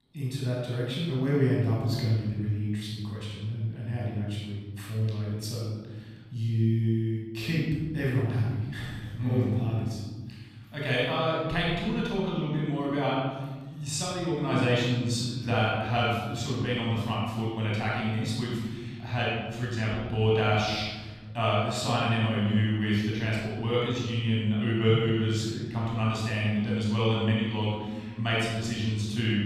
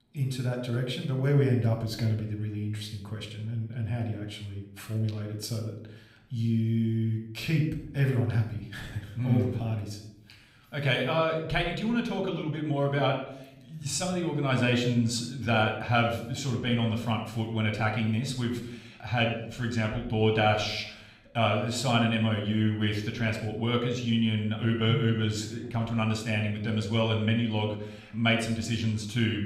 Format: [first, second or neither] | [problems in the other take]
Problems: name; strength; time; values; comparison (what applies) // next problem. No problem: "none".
second | room echo; strong; dies away in 1.6 s; slight in the second // off-mic speech; far; somewhat distant in the second